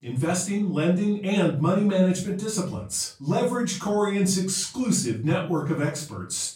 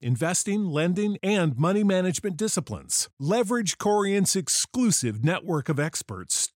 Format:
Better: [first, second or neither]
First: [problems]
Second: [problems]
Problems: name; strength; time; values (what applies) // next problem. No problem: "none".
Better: second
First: off-mic speech; far // room echo; slight; dies away in 0.3 s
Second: none